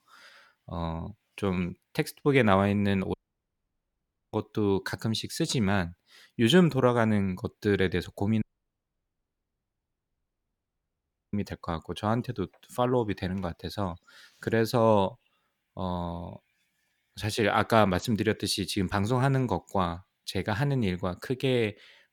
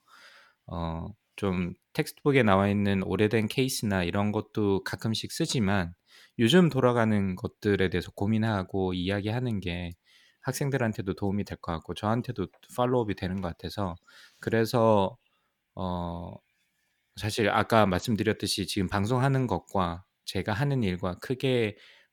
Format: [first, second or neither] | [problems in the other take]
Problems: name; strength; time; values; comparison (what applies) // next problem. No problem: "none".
second | audio cutting out; at 3 s for 1 s and at 8.5 s for 3 s